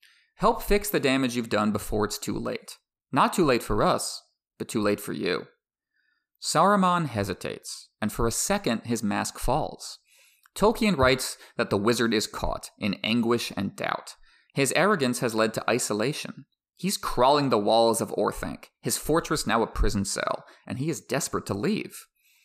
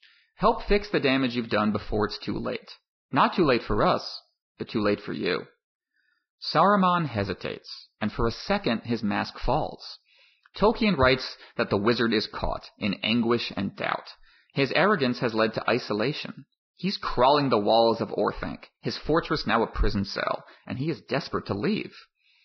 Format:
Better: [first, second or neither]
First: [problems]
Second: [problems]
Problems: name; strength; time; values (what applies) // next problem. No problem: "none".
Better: first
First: none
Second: garbled, watery; badly; nothing above 5.5 kHz